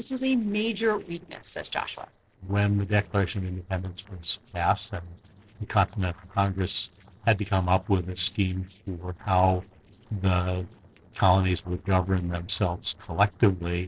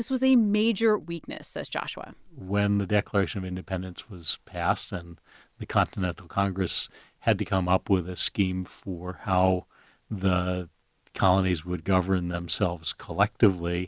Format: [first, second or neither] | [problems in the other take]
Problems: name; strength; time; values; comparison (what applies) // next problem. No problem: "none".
second | noise reduction (neural separator model SepFormer DNS4)